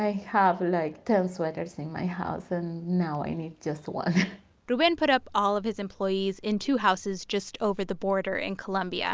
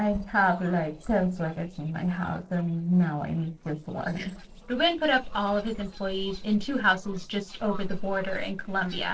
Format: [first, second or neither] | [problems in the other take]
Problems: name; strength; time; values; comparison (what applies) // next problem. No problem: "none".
first | noise reduction (neural separator model SepFormer DNS4)